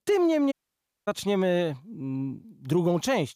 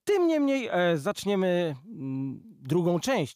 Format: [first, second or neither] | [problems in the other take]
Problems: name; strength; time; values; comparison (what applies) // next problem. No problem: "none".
second | audio cutting out; at 0.5 s for 0.5 s